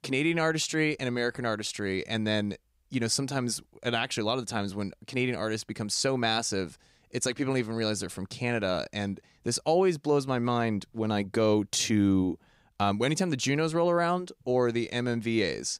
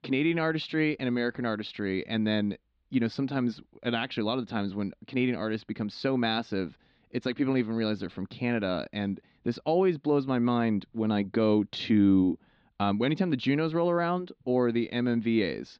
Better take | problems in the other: first | muffled; slightly; fading above 4 kHz

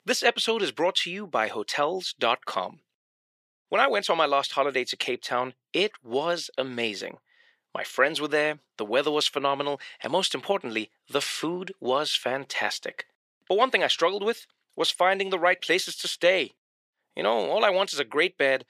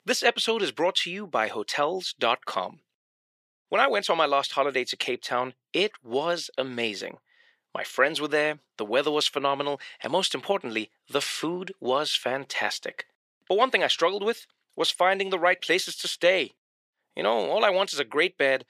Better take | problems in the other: neither | thin; somewhat; fading below 450 Hz; the same in both

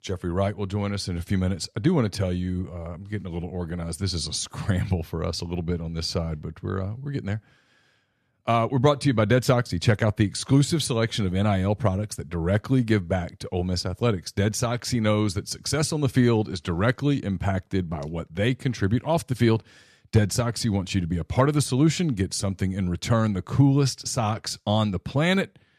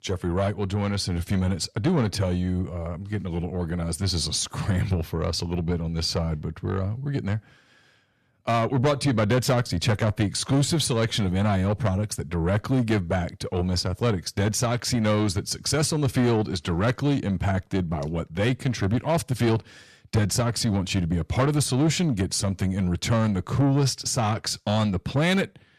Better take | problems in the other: first | distortion; slight; 10 dB below the speech

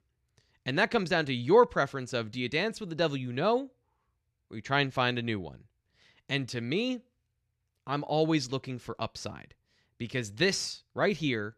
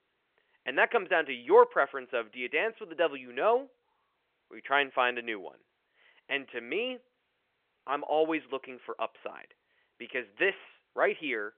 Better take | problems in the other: first | phone-call audio; nothing above 3 kHz

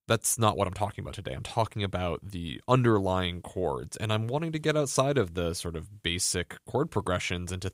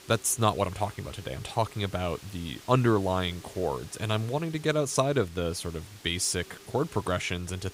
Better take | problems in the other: first | hiss; noticeable; throughout; 20 dB below the speech

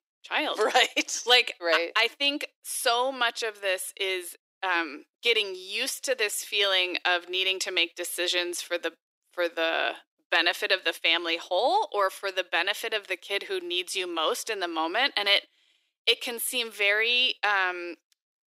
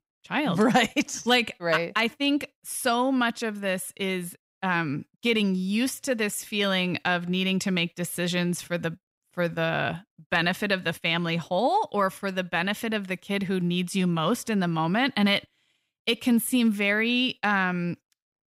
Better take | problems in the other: second | thin; very; fading below 350 Hz

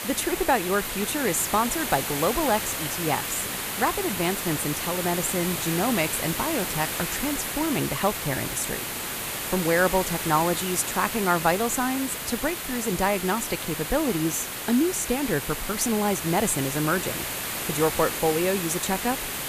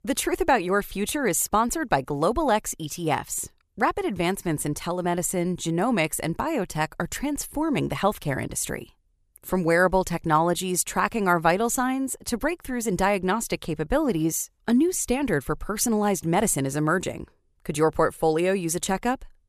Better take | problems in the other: second | hiss; loud; throughout; 3 dB below the speech

